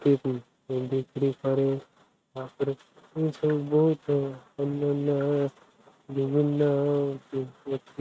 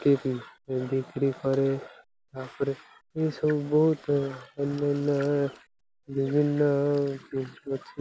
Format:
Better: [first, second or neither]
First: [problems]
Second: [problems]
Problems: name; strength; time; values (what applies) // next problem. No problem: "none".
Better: second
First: noise reduction (neural mask model RNNoise)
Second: none